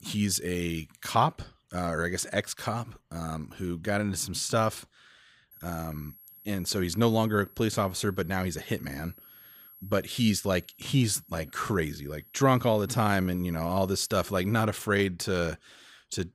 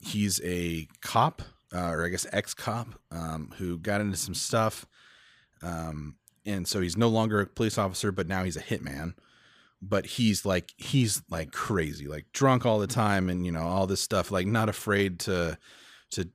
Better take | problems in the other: second | high-pitched whine; faint; from 5.5 to 15 s; 11.5 kHz, 20 dB below the speech

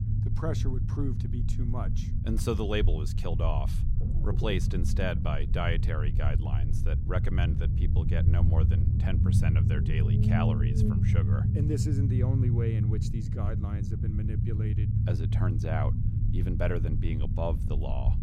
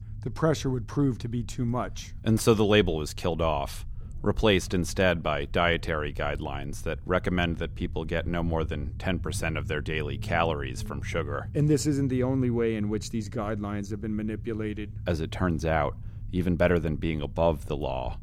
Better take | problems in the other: second | low rumble; loud; throughout; 3 dB below the speech; faint in the second

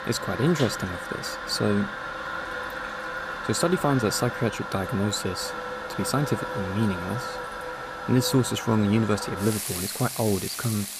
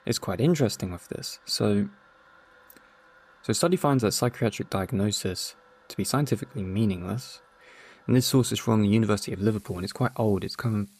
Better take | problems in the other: second | household noises; loud; throughout; 6 dB below the speech; faint in the second

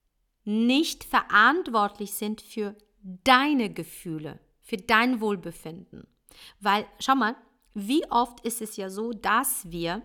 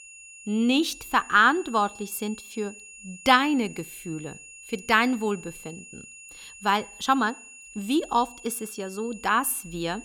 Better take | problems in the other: first | high-pitched whine; noticeable; throughout; 2.5 kHz, 20 dB below the speech

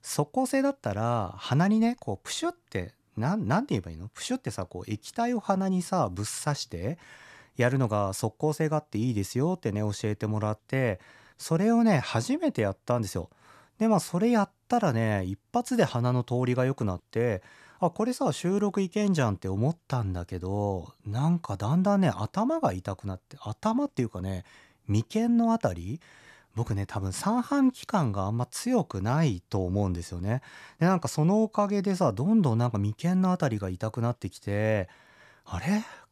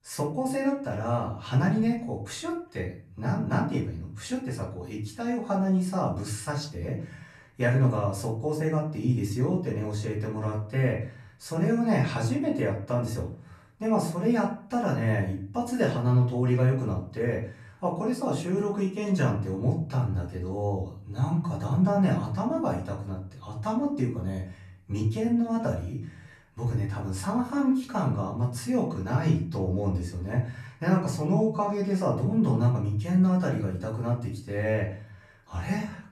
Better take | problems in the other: first | room echo; slight; dies away in 0.4 s // off-mic speech; far

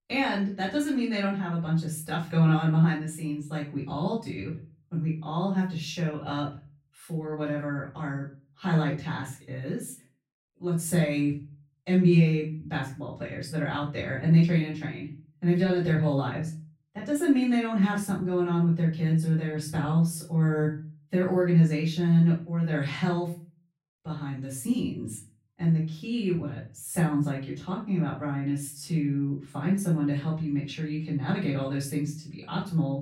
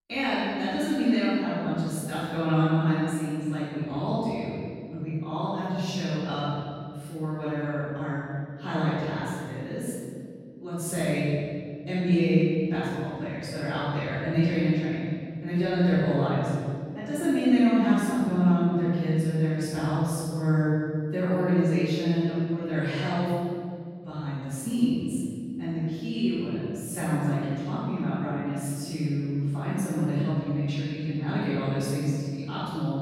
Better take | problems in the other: first | room echo; strong; dies away in 2.1 s; slight in the first // off-mic speech; far; far in the first

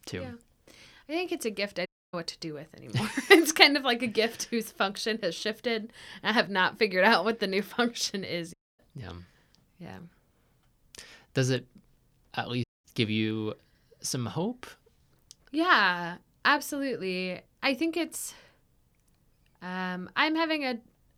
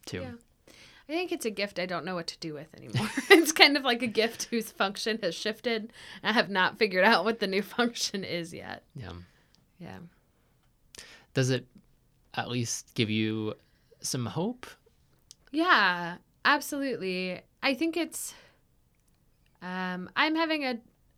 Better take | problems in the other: second | audio cutting out; at 2 s, at 8.5 s and at 13 s

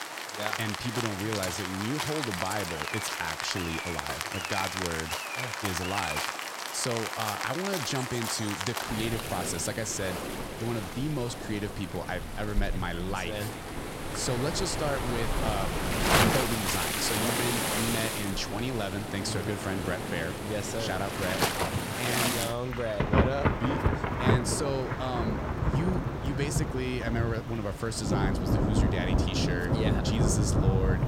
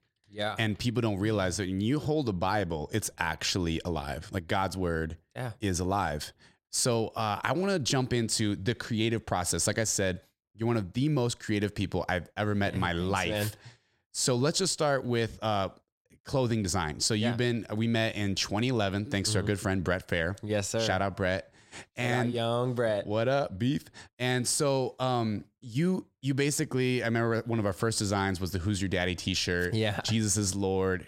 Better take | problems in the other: second | rain or running water; very loud; throughout; 2 dB above the speech

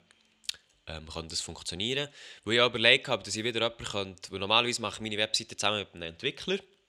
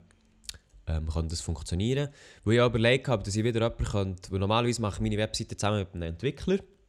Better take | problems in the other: second | thin; somewhat; fading below 550 Hz

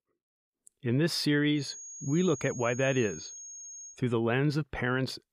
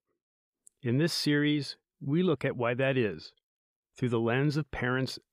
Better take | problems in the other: second | high-pitched whine; noticeable; from 1.5 to 4 s; 6.5 kHz, 15 dB below the speech

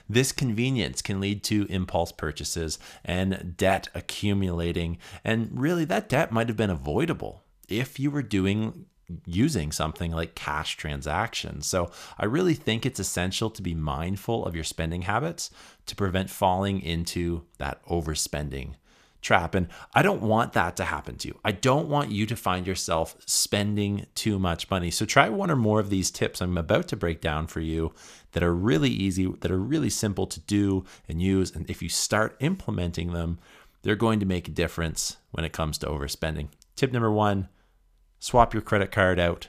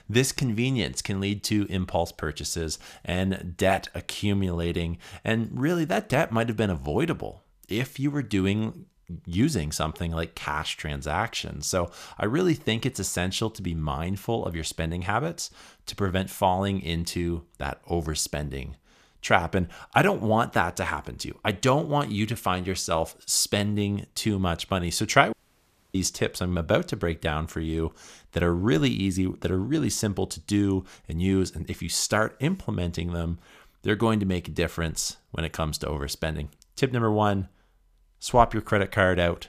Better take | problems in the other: first | audio cutting out; at 25 s for 0.5 s

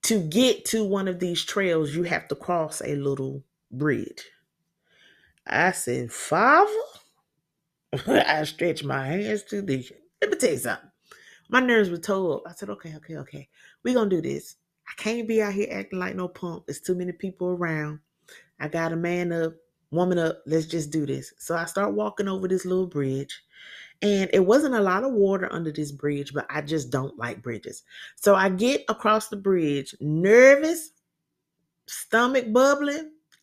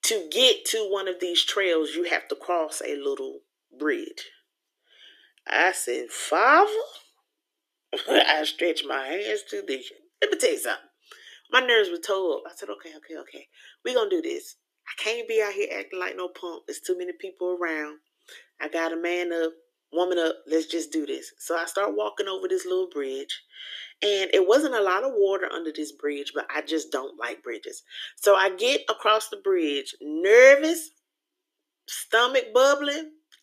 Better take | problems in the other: first | thin; somewhat; fading below 300 Hz

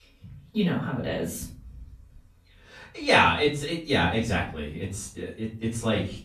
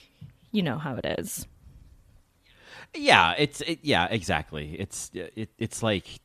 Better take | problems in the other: second | off-mic speech; far // room echo; slight; dies away in 0.4 s

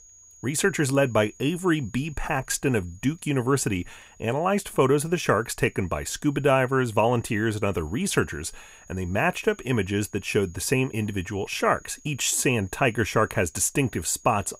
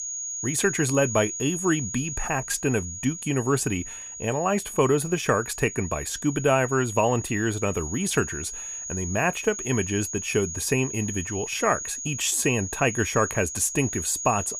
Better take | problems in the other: first | high-pitched whine; loud; throughout; 6.5 kHz, 7 dB below the speech; faint in the first

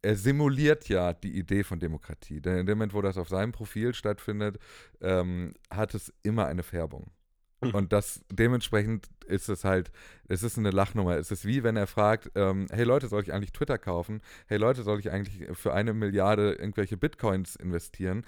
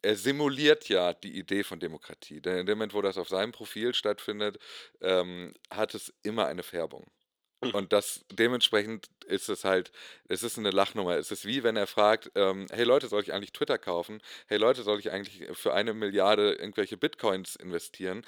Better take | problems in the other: first | thin; somewhat; fading below 350 Hz

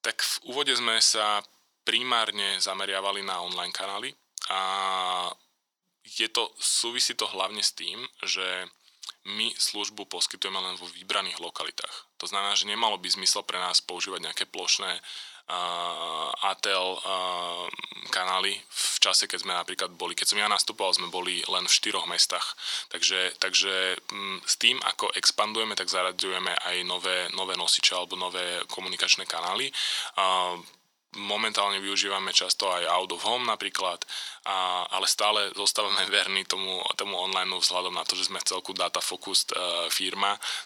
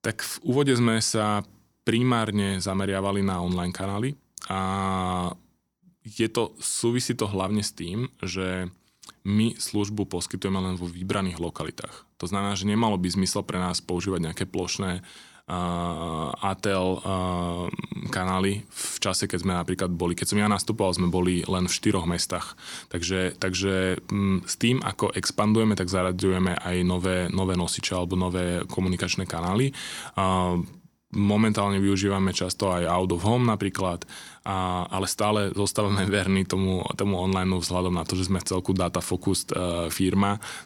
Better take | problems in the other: second | thin; very; fading below 750 Hz

